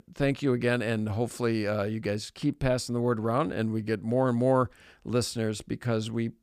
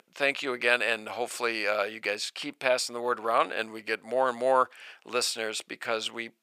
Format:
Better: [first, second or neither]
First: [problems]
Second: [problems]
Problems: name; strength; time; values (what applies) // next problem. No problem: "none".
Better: first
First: none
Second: thin; very; fading below 750 Hz